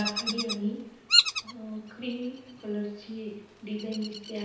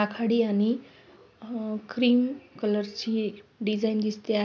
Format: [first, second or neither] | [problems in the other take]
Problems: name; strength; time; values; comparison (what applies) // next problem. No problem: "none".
second | background sound (Bird vocalization, bird call, bird song); 3 dB above the speech // room echo; dies away in 0.9 s